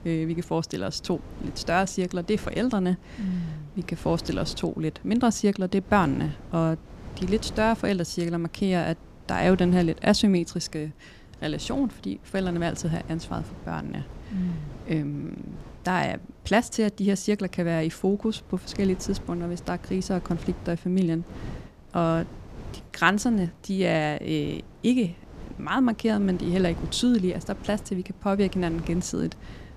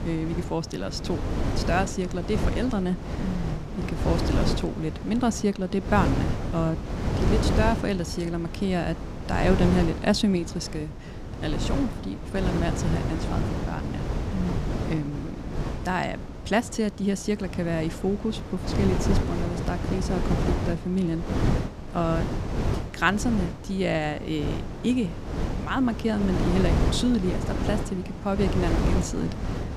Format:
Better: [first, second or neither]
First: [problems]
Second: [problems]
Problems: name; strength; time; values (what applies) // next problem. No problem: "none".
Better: first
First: wind noise on the microphone; occasional gusts; 20 dB below the speech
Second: wind noise on the microphone; heavy; 5 dB below the speech